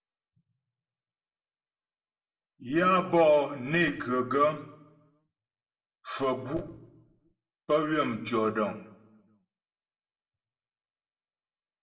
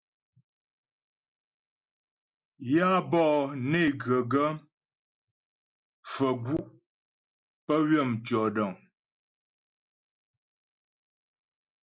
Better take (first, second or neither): second